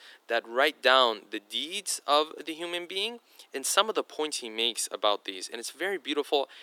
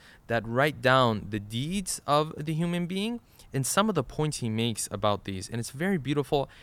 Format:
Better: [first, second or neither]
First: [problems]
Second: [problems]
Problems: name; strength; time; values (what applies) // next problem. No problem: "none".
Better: second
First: thin; very; fading below 300 Hz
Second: none